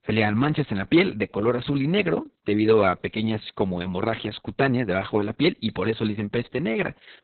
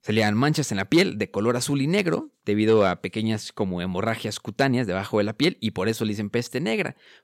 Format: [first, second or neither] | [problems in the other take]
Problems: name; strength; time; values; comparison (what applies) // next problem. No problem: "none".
second | garbled, watery; badly; nothing above 4 kHz